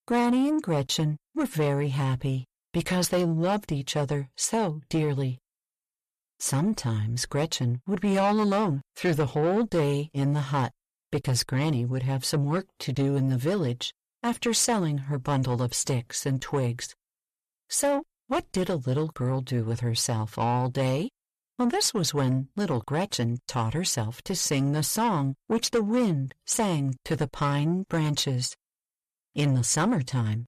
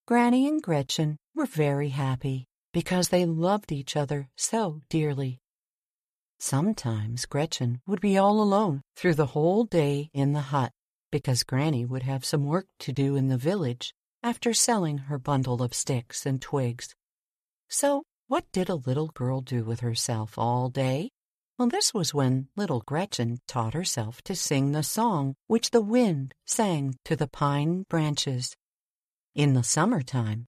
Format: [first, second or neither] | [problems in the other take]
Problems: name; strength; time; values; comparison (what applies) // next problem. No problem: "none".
second | distortion; slight; 10 dB below the speech